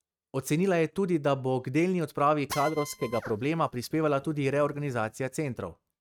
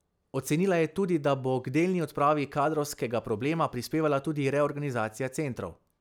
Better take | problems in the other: second | noise reduction (neural mask model RNNoise)

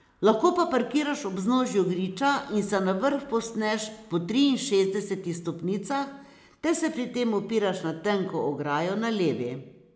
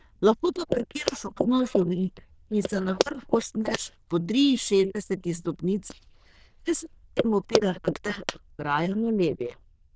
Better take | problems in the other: first | noise reduction (neural diffusion model UNIVERSE++)

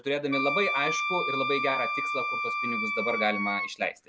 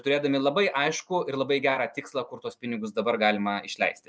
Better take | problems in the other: second | background sound (Wind instrument, woodwind instrument); as loud as the speech

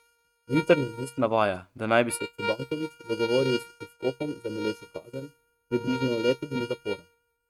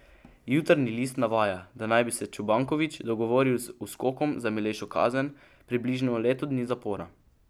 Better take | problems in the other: second | noise reduction (neural mask model RNNoise)

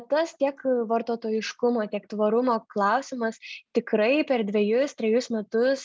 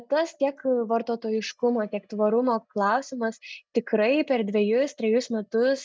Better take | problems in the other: first | noise reduction (neural mask model DeepFilterNet 3)

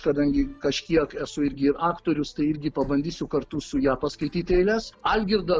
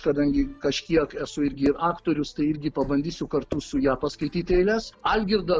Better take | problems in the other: first | background sound (Percussion); 12 dB below the speech

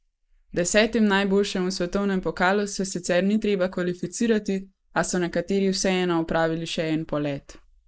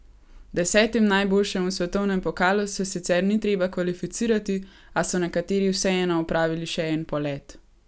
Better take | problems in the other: second | noise reduction (neural mask model Resemble Enhance denoiser)

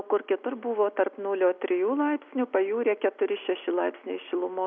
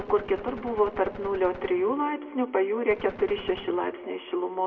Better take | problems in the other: first | background sound (Gunshot, gunfire); 17 dB below the speech // room echo; dies away in 1.1 s

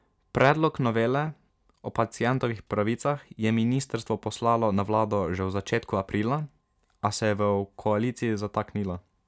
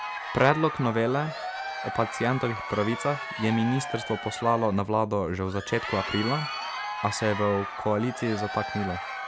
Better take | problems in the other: first | background sound (Crowd); 7 dB below the speech

